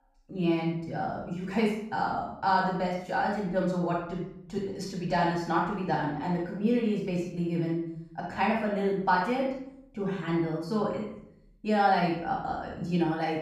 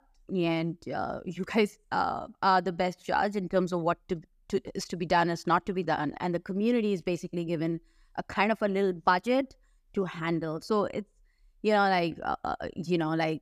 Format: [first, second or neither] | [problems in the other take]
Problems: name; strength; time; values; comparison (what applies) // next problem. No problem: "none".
second | off-mic speech; far // room echo; noticeable; dies away in 0.7 s